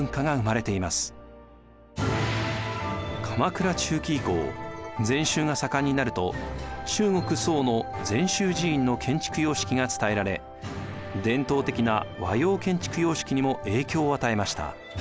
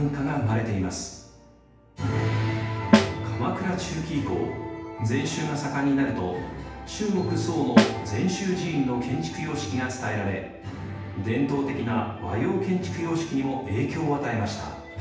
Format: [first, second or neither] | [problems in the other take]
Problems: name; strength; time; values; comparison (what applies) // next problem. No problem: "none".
first | background sound (Snare drum); 1 dB above the speech // room echo; dies away in 0.9 s